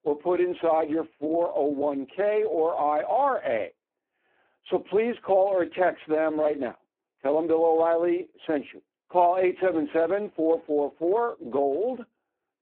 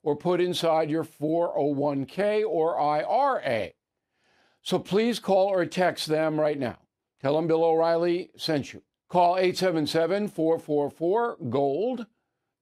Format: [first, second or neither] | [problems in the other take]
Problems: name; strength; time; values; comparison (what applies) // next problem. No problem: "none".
second | phone-call audio; poor line